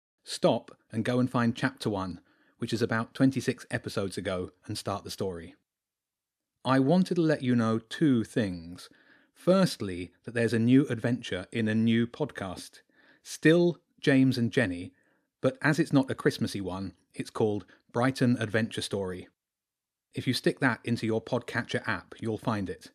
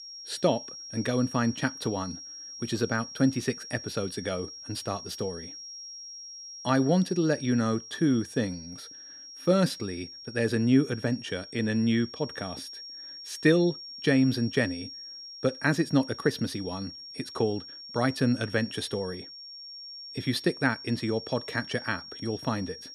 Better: first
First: none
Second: high-pitched whine; noticeable; throughout; 5.5 kHz, 10 dB below the speech

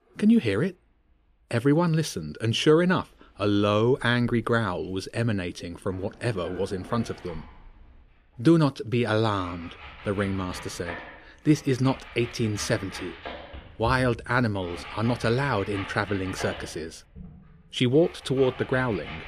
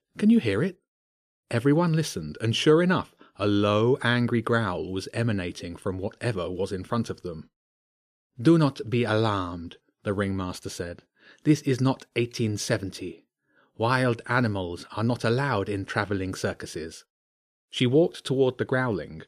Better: second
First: household noises; noticeable; throughout; 15 dB below the speech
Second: none

